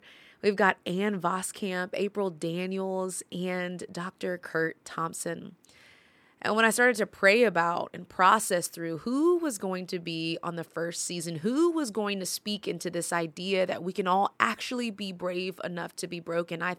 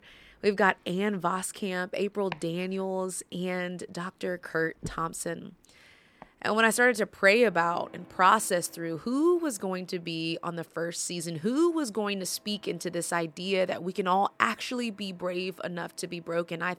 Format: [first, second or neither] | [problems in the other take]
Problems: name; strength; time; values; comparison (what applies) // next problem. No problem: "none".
first | household noises; faint; throughout; 25 dB below the speech